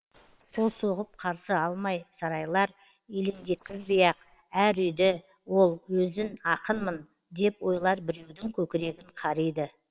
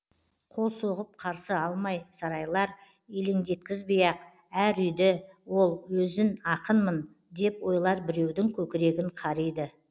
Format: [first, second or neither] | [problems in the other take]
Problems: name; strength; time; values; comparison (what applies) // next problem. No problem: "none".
second | noise reduction (neural separator model SepFormer WHAM!)